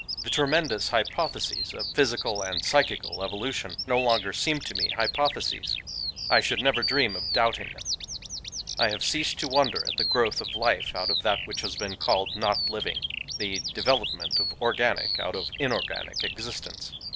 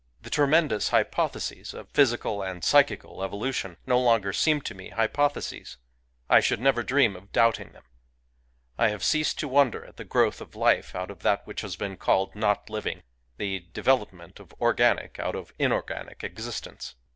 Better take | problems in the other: second | background sound (Bird vocalization, bird call, bird song); 4 dB below the speech

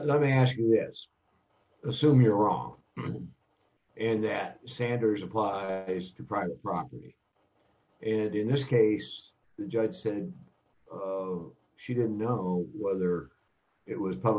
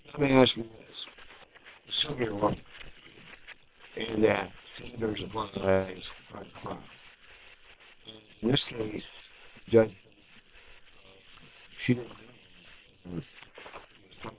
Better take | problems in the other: first | noise reduction (neural separator model SepFormer WHAM!)

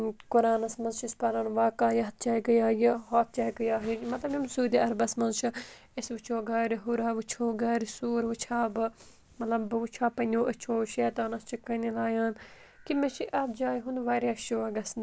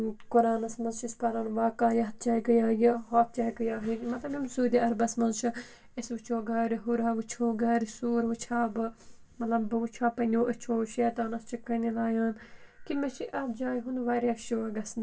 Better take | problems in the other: first | room echo; dies away in 0.1 s

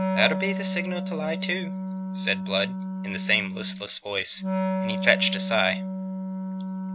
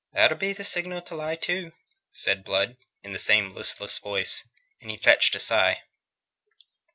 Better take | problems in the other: second | background sound (Wind instrument, woodwind instrument); 1 dB below the speech

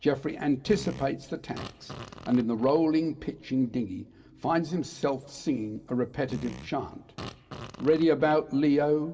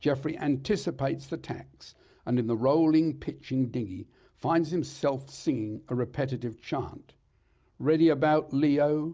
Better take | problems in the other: second | background sound (Fart); 15 dB below the speech // room echo; dies away in 1.9 s

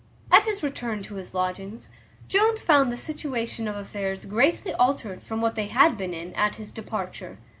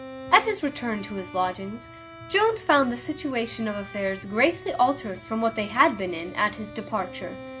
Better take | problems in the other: first | background sound (Bowed string instrument); 16 dB below the speech

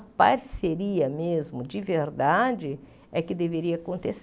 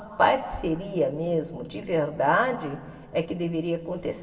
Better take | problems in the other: first | room echo; dies away in 2.7 s

